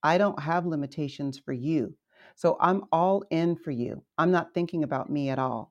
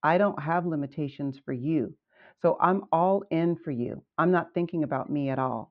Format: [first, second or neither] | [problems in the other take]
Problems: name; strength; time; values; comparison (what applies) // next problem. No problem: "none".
first | muffled; slightly; fading above 3 kHz